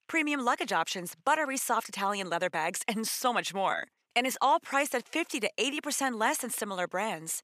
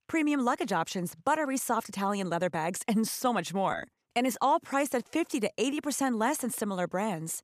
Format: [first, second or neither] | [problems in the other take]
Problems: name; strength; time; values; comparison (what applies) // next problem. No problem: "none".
second | thin; very slightly; fading below 1 kHz